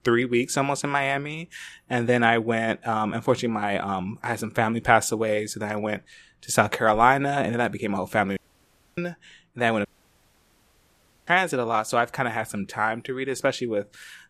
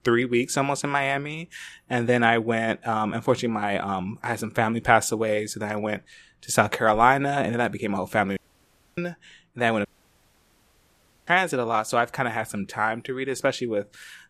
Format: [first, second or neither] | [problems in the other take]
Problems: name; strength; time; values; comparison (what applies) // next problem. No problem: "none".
neither | audio cutting out; at 8.5 s for 0.5 s and at 10 s for 1.5 s; the same in both